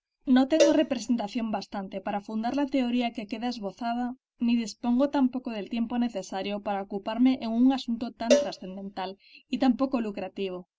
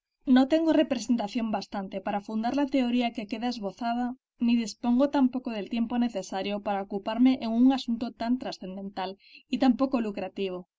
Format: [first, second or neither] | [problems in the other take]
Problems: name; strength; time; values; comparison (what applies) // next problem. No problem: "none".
second | background sound (Cowbell); 4 dB below the speech